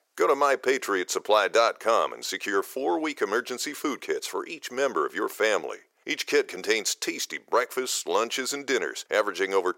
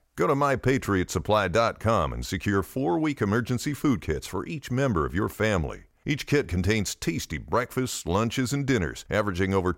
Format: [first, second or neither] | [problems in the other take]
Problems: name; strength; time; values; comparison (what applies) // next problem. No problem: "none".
second | thin; very; fading below 400 Hz